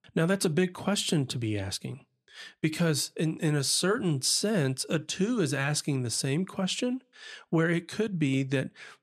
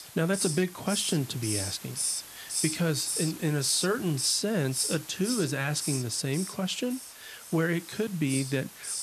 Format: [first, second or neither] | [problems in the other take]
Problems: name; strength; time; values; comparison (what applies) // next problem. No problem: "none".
first | hiss; loud; throughout; 4 dB below the speech